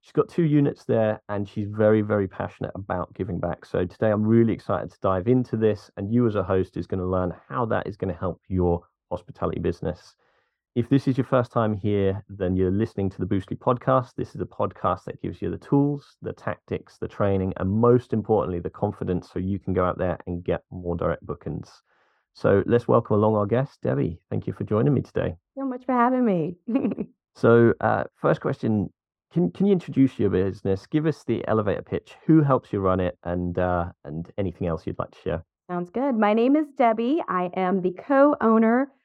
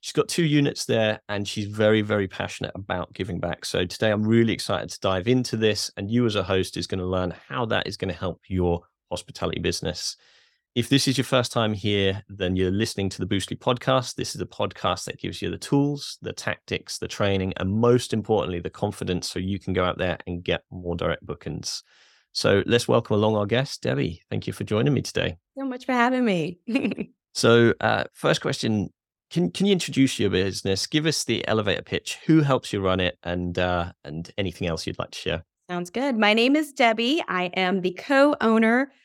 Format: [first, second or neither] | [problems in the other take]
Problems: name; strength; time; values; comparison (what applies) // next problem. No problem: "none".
second | muffled; very; fading above 2 kHz